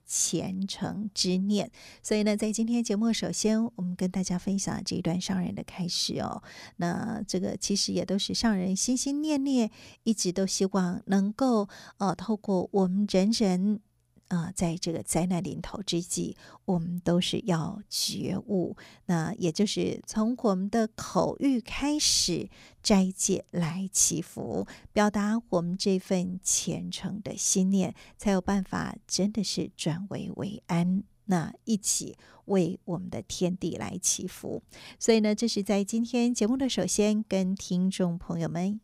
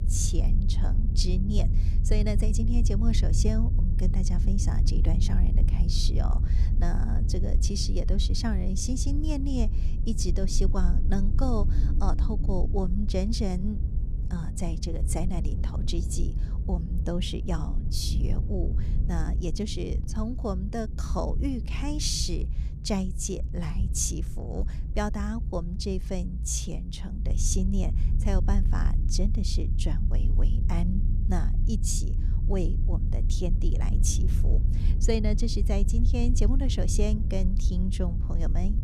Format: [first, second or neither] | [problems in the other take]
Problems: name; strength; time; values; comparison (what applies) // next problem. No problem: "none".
first | low rumble; loud; throughout; 9 dB below the speech